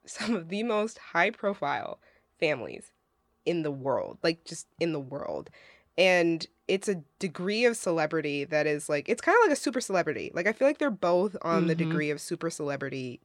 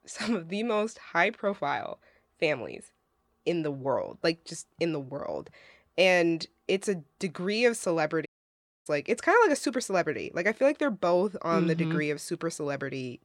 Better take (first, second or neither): first